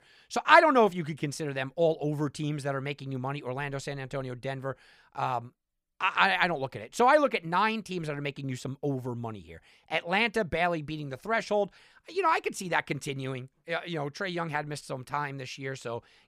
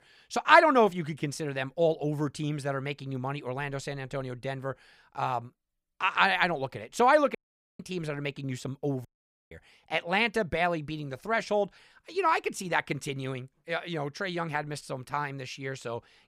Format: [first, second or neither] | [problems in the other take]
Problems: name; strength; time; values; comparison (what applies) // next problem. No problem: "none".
first | audio cutting out; at 7.5 s and at 9 s